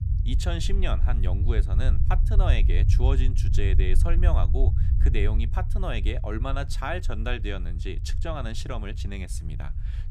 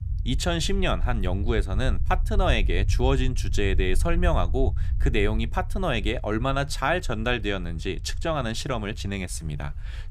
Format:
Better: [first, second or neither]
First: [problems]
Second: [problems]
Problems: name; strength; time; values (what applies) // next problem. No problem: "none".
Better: second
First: low rumble; loud; throughout; 10 dB below the speech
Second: low rumble; faint; throughout; 20 dB below the speech